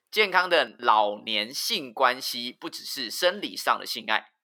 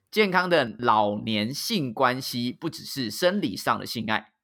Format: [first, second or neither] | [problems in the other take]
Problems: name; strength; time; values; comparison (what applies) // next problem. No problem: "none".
second | thin; somewhat; fading below 500 Hz